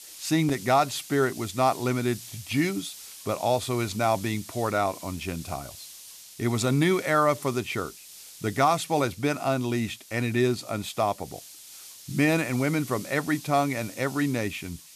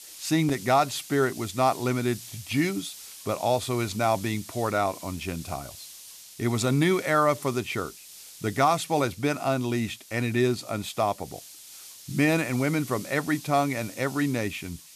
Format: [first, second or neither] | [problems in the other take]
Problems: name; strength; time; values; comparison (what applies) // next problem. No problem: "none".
neither | hiss; noticeable; throughout; 15 dB below the speech; the same in both